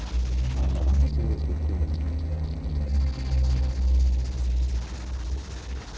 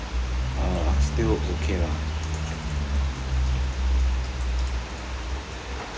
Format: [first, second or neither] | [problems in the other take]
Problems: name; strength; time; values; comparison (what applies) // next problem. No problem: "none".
second | noise reduction (neural separator model SepFormer DNS4)